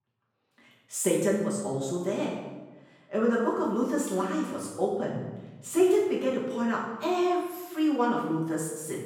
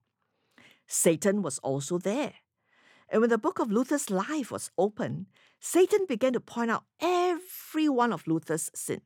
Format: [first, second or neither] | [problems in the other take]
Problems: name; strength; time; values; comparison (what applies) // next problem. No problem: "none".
second | room echo; noticeable; dies away in 1 s // off-mic speech; far